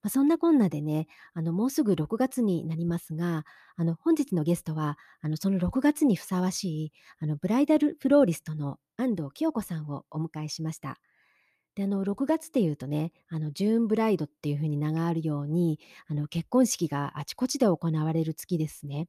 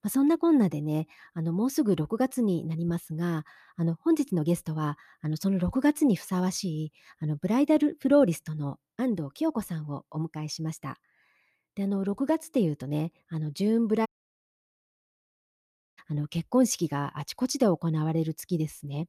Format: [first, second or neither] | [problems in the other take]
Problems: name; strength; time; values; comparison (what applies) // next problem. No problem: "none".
first | audio cutting out; at 14 s for 2 s